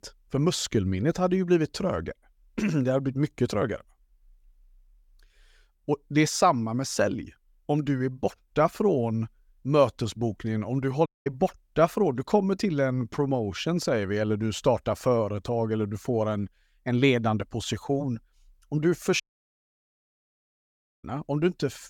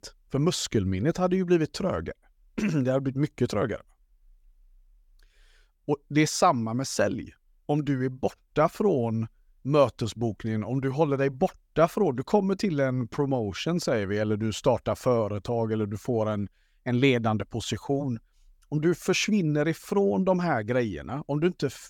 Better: second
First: audio cutting out; at 11 s and at 19 s for 2 s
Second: none

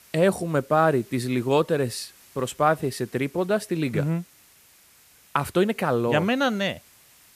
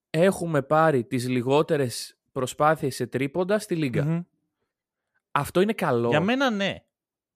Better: second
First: hiss; faint; throughout; 25 dB below the speech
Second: none

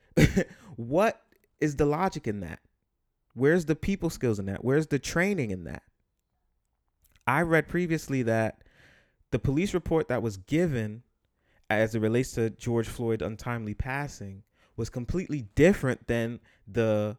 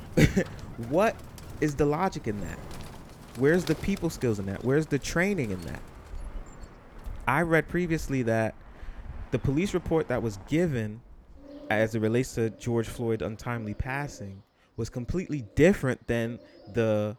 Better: first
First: none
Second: animal sounds; noticeable; throughout; 20 dB below the speech

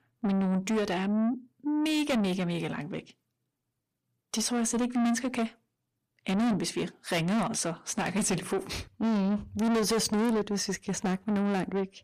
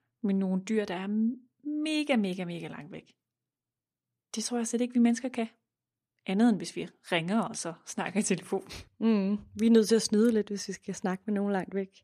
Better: second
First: distortion; heavy; 6 dB below the speech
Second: none

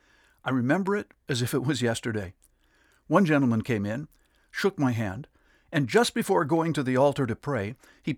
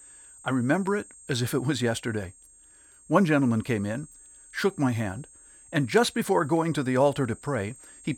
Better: first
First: none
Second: high-pitched whine; faint; throughout; 8.5 kHz, 20 dB below the speech

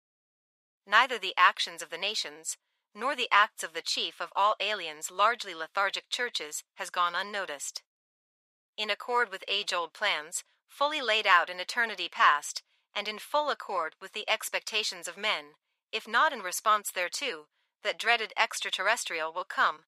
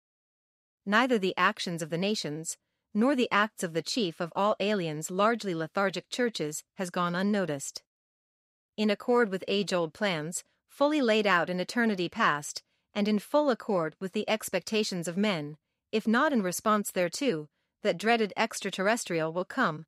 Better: second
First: thin; very; fading below 800 Hz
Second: none

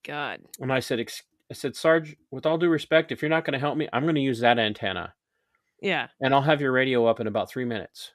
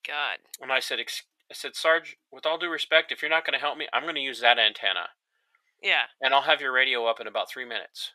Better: first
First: none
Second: thin; very; fading below 850 Hz

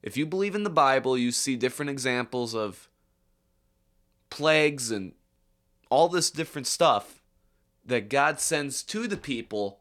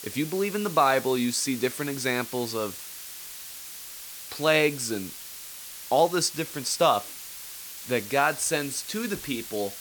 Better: first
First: none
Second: hiss; noticeable; throughout; 10 dB below the speech

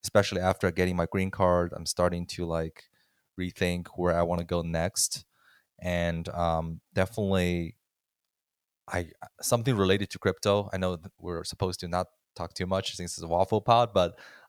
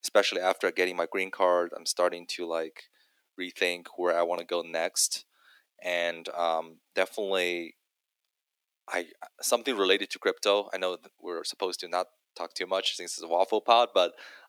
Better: first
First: none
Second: thin; somewhat; fading below 300 Hz

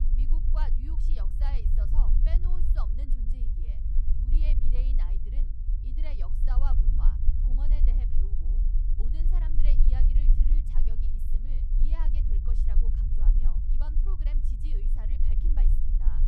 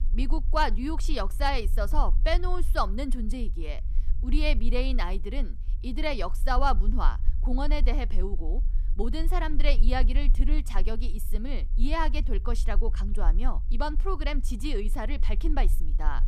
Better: second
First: low rumble; loud; throughout; 2 dB below the speech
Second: low rumble; faint; throughout; 20 dB below the speech

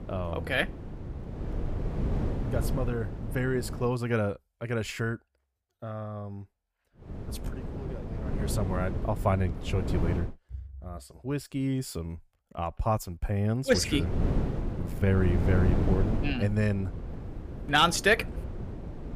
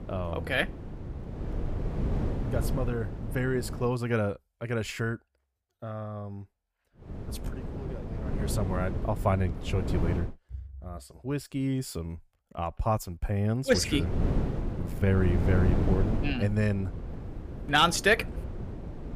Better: neither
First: wind noise on the microphone; occasional gusts; until 4 s, from 7 to 10 s and from 14 s on; 10 dB below the speech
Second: wind noise on the microphone; occasional gusts; until 4 s, from 7 to 10 s and from 14 s on; 10 dB below the speech

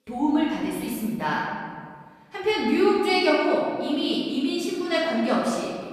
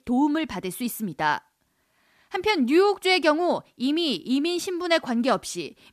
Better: second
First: room echo; strong; dies away in 2 s // off-mic speech; far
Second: none

